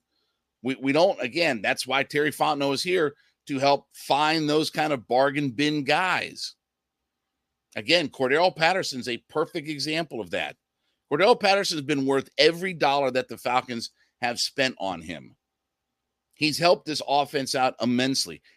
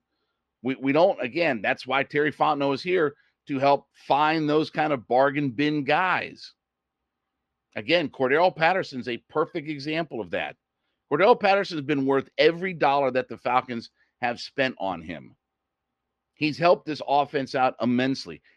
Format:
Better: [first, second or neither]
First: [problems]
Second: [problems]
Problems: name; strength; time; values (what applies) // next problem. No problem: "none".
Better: first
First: none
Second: muffled; slightly; fading above 2.5 kHz